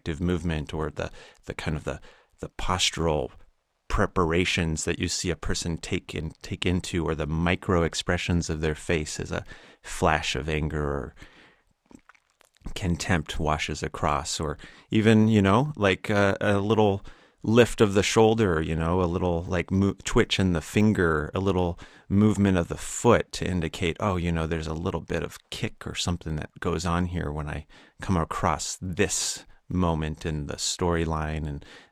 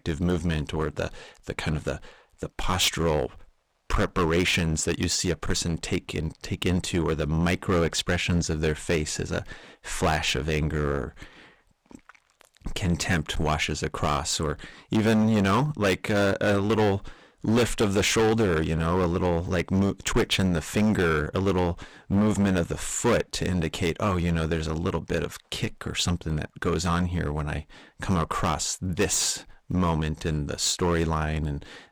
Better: first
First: none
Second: distortion; heavy; 8% of the sound clipped

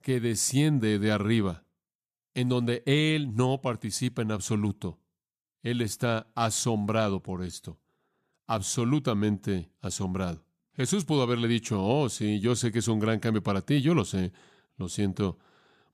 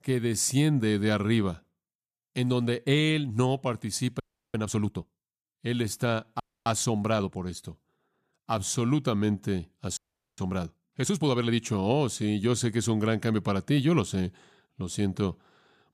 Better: first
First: none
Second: audio freezing; at 4 s, at 6.5 s and at 10 s

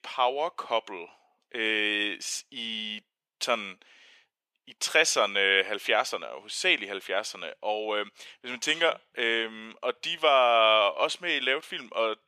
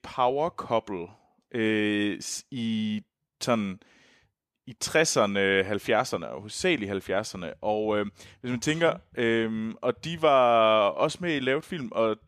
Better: second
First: thin; somewhat; fading below 500 Hz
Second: none

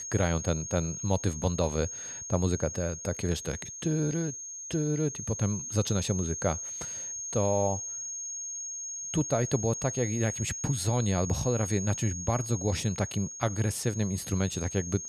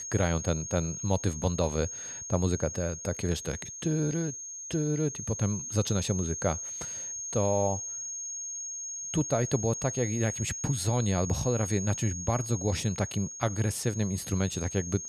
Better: neither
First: high-pitched whine; loud; throughout; 6.5 kHz, 5 dB below the speech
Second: high-pitched whine; loud; throughout; 6.5 kHz, 5 dB below the speech

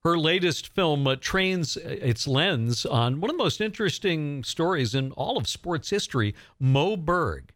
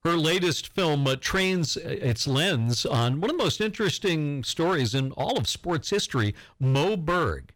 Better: first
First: none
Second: distortion; slight; 12% of the sound clipped

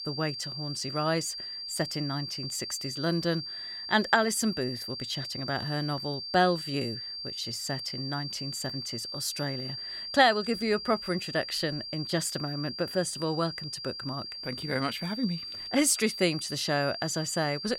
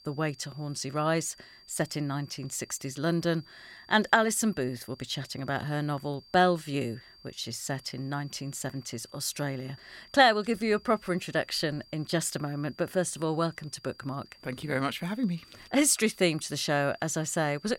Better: second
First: high-pitched whine; loud; throughout; 4.5 kHz, 6 dB below the speech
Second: high-pitched whine; faint; throughout; 4.5 kHz, 25 dB below the speech

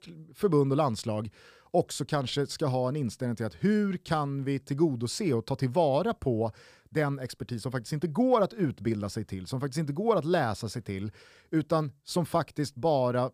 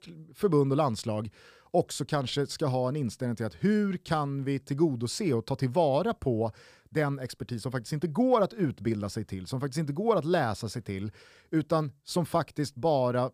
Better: neither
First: none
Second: none

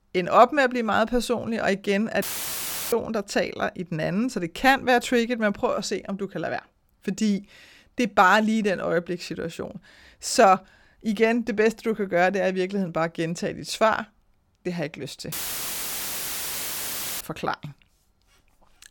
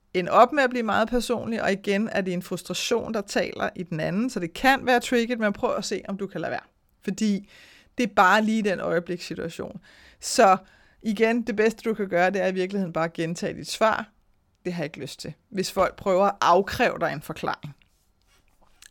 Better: second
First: audio cutting out; filled with static; at 2 s for 0.5 s and at 15 s for 2 s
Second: none

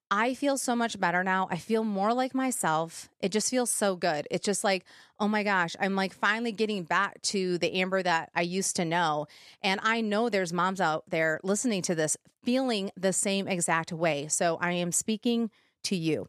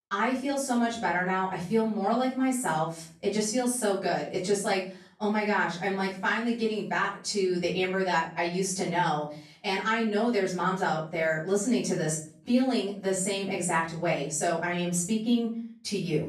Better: first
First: none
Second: off-mic speech; far // room echo; noticeable; dies away in 0.4 s

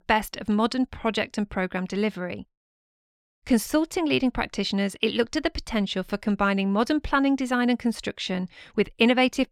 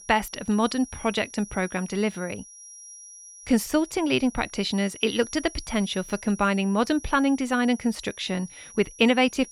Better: first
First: none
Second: high-pitched whine; noticeable; throughout; 6 kHz, 15 dB below the speech

